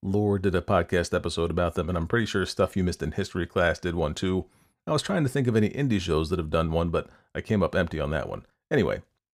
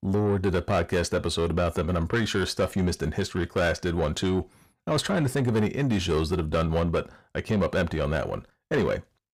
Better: first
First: none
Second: distortion; slight; 10 dB below the speech

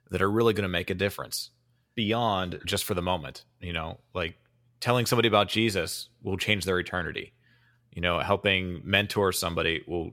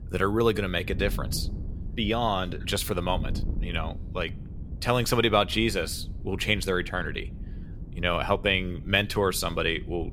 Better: first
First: none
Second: wind noise on the microphone; occasional gusts; 20 dB below the speech

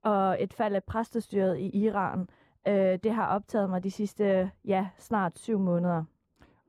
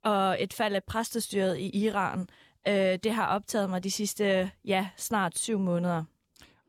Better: second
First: muffled; very; fading above 2 kHz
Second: none

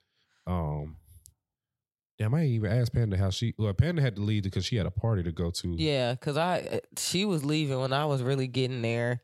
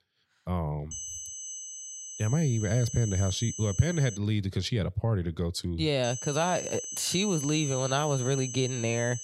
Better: first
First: none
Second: high-pitched whine; loud; from 1 to 4 s and from 6 s on; 6 kHz, 7 dB below the speech

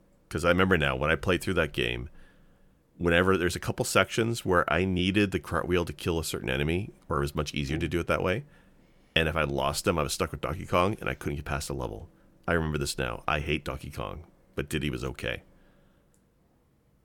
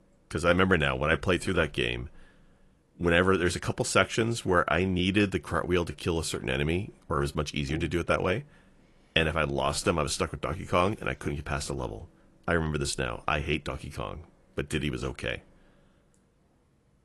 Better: first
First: none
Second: garbled, watery; slightly; nothing above 11 kHz

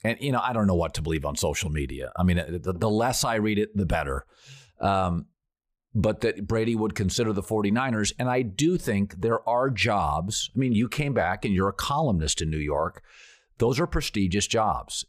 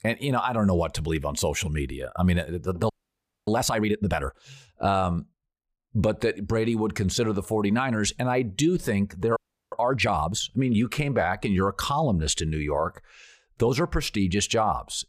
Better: first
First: none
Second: audio freezing; at 3 s for 0.5 s and at 9.5 s

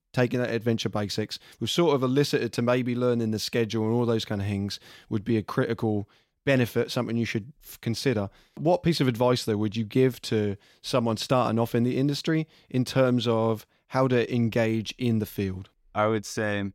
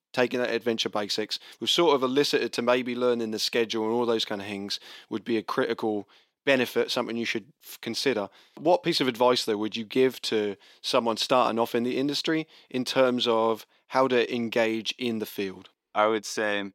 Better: first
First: none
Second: thin; very slightly; fading below 350 Hz

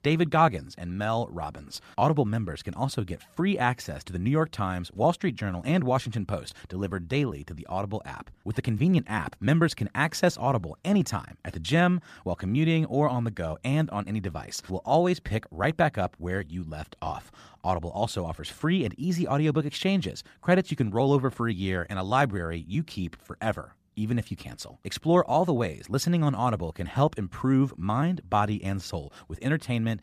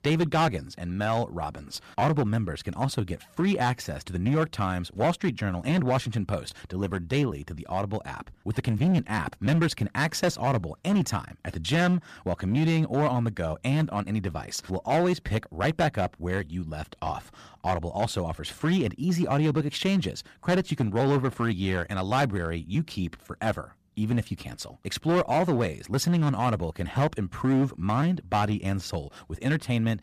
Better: first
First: none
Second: distortion; slight; 6% of the sound clipped

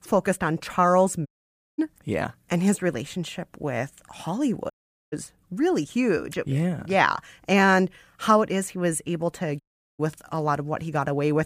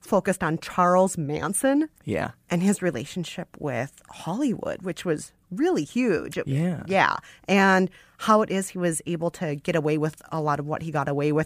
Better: second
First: audio cutting out; at 1.5 s for 0.5 s, at 4.5 s and at 9.5 s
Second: none

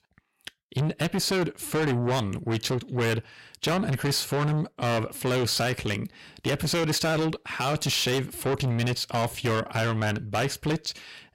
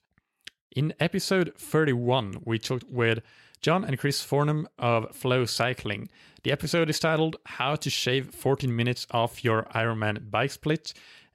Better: second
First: distortion; heavy; 6 dB below the speech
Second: none

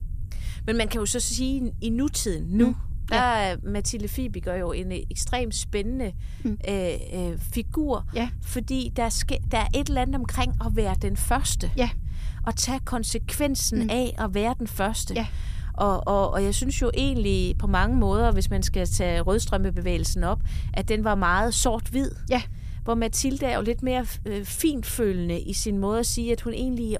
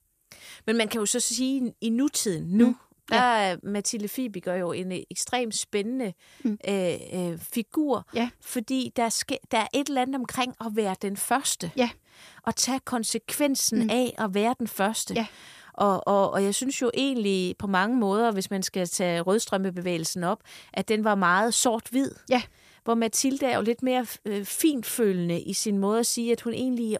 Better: second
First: low rumble; faint; throughout; 25 dB below the speech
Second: none

